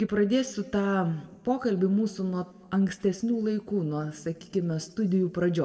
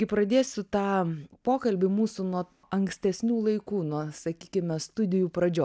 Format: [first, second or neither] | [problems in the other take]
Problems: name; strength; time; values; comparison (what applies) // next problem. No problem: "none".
second | room echo; dies away in 1.4 s